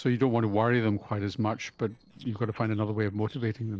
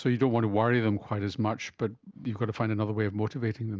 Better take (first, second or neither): second